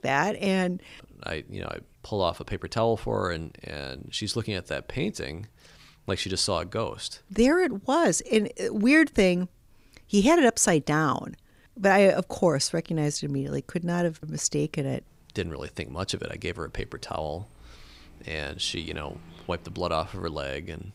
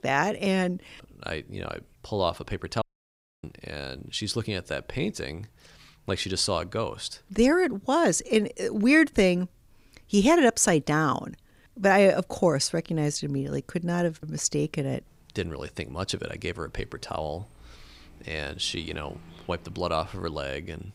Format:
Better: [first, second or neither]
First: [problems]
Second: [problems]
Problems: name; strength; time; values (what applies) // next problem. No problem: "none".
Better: first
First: none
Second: audio cutting out; at 3 s for 0.5 s